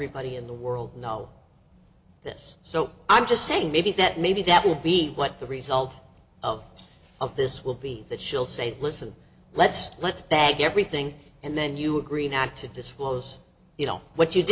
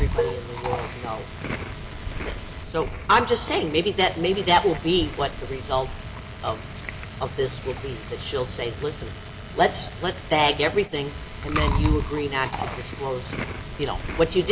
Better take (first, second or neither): first